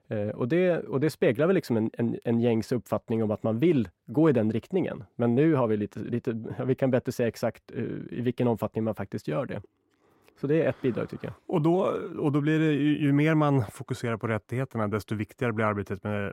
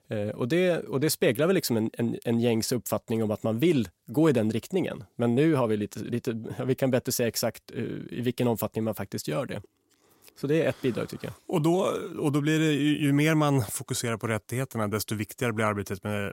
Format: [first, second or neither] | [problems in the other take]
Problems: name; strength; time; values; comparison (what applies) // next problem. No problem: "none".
second | muffled; slightly; fading above 3.5 kHz